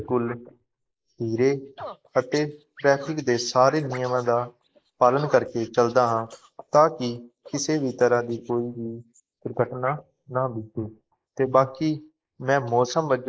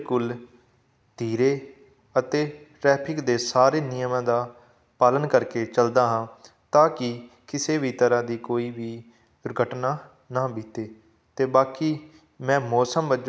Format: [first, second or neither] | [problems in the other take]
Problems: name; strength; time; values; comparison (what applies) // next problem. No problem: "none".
second | noise reduction (neural mask model Resemble Enhance denoiser)